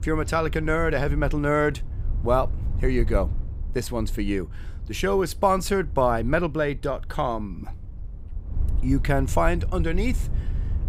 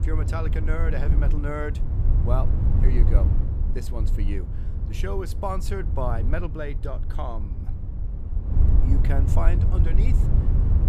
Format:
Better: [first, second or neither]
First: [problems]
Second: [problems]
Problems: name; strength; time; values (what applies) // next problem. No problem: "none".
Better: first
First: low rumble; faint; throughout; 25 dB below the speech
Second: low rumble; loud; throughout; 6 dB below the speech